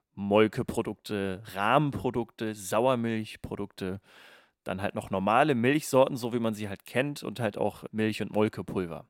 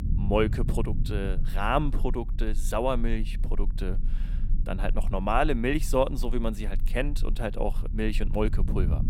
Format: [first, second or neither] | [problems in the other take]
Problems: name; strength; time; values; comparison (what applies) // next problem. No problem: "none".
first | low rumble; noticeable; throughout; 20 dB below the speech